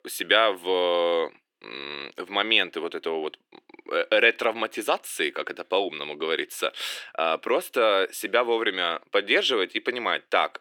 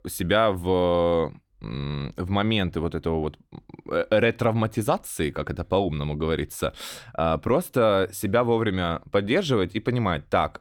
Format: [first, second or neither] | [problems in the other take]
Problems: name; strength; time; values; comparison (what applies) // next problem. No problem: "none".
second | thin; very; fading below 350 Hz